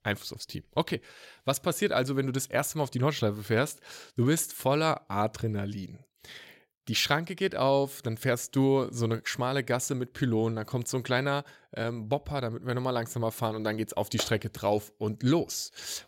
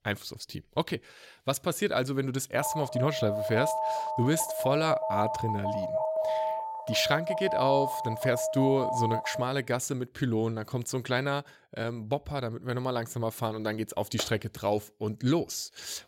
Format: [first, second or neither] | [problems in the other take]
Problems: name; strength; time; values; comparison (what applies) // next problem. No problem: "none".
first | alarm; loud; from 2.5 to 9.5 s; peak 1 dB above the speech